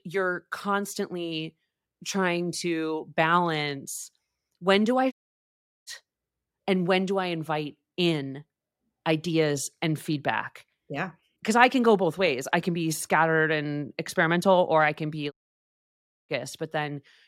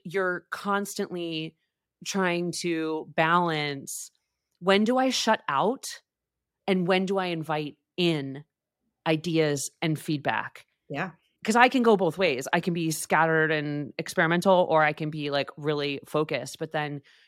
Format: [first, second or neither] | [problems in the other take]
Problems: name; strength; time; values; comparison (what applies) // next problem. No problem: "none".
second | audio cutting out; at 5 s for 0.5 s and at 15 s for 1 s